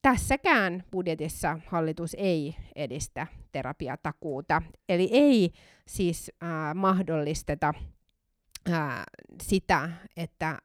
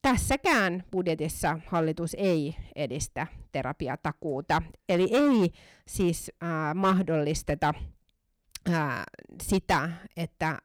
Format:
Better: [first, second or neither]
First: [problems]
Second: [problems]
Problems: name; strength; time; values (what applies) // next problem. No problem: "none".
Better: first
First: none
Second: distortion; slight; 4% of the sound clipped